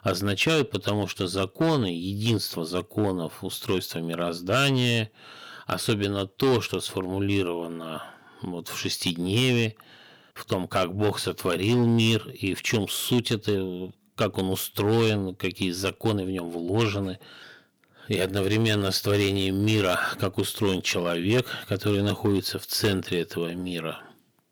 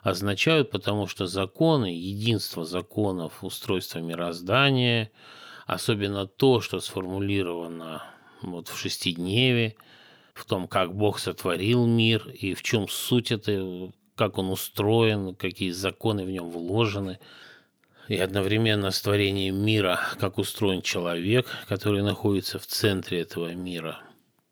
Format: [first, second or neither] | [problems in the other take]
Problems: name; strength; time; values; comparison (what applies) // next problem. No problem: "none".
second | distortion; slight; 5% of the sound clipped